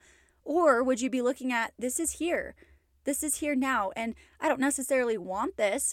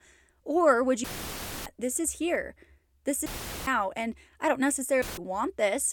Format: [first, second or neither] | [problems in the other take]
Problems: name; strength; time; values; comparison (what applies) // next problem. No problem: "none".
first | audio cutting out; filled with static; at 1 s for 0.5 s, at 3.5 s and at 5 s